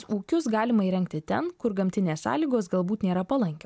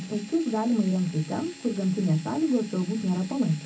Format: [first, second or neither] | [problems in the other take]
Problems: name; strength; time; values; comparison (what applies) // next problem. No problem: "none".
first | background sound (Drill); 19 dB below the speech // room echo; dies away in 0.4 s